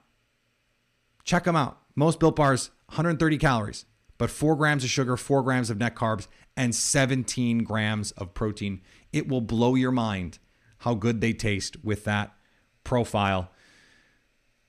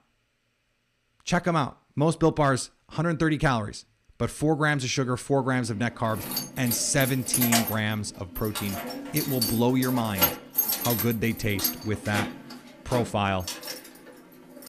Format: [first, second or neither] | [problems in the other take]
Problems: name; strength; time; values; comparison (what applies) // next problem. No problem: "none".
first | jangling keys; loud; from 6 to 14 s; peak 4 dB above the speech